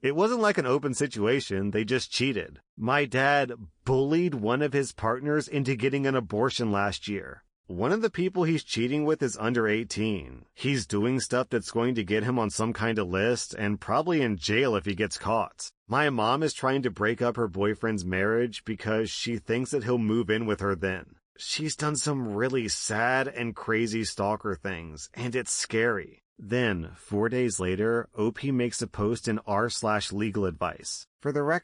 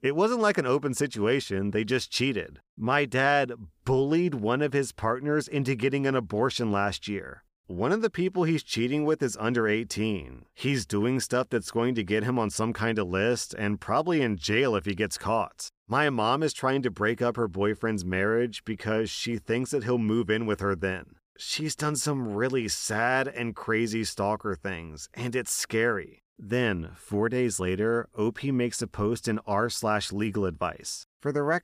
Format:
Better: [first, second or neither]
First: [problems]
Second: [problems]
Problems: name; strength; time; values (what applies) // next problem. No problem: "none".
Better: second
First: garbled, watery; slightly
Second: none